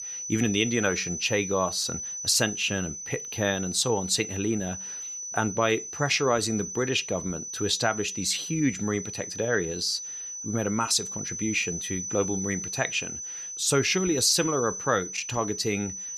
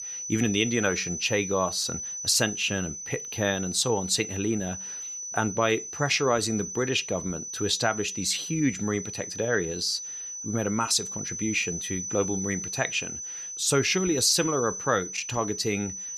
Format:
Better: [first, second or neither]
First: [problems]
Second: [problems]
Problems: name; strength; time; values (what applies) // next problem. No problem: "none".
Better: neither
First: high-pitched whine; loud; throughout; 6 kHz, 6 dB below the speech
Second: high-pitched whine; loud; throughout; 6 kHz, 6 dB below the speech